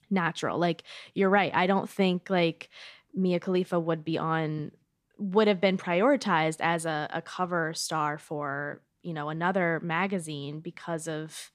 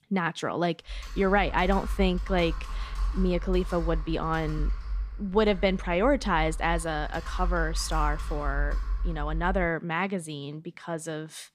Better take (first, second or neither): first